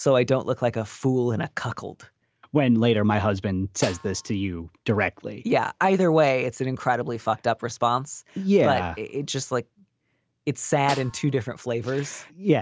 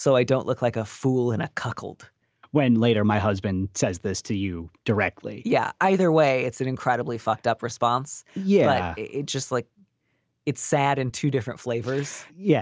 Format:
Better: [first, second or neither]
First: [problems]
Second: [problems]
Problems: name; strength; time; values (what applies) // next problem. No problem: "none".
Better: second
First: background sound (Snare drum); 17 dB below the speech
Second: none